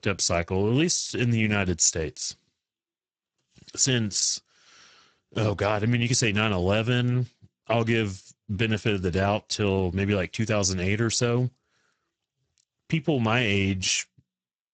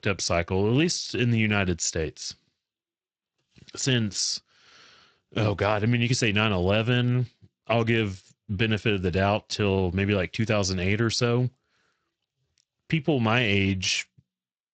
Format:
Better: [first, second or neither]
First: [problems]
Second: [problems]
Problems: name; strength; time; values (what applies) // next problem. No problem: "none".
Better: second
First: garbled, watery; badly; nothing above 7.5 kHz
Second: garbled, watery; slightly; nothing above 7.5 kHz